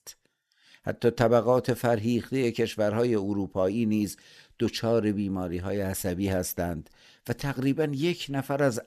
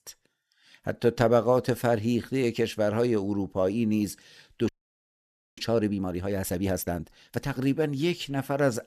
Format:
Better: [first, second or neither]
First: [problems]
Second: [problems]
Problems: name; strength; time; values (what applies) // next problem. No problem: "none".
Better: first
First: none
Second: audio freezing; at 4.5 s for 1 s